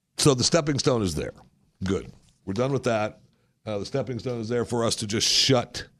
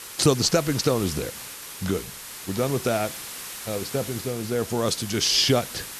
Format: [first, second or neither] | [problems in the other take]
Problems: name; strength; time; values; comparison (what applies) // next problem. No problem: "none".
first | hiss; noticeable; throughout; 10 dB below the speech